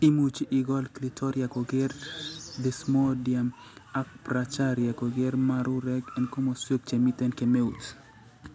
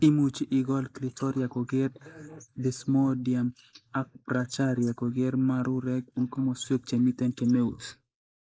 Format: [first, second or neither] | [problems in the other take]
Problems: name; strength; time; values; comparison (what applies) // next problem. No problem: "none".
first | noise reduction (neural mask model Resemble Enhance denoiser)